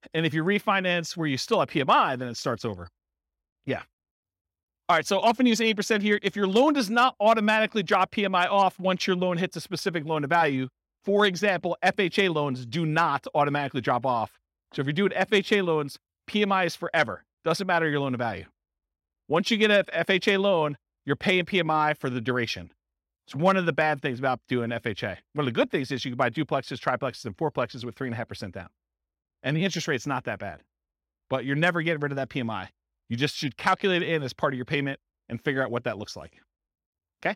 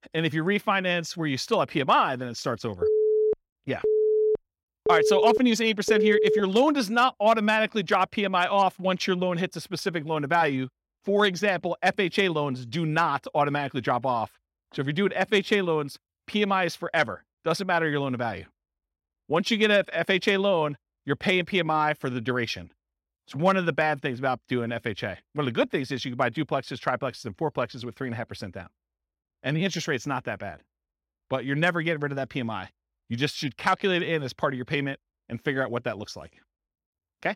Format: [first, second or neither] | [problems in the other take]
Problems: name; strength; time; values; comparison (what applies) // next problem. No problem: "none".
first | phone ringing; loud; from 3 to 6.5 s; peak 4 dB above the speech